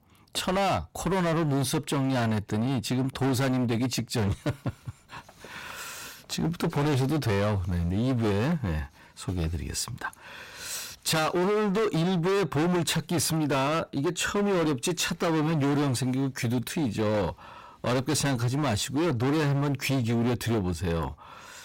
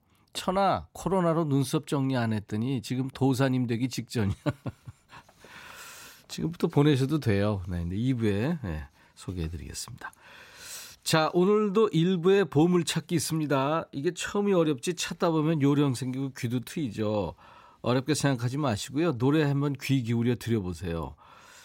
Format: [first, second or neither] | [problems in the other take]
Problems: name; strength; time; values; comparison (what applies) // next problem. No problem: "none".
second | distortion; heavy; 25% of the sound clipped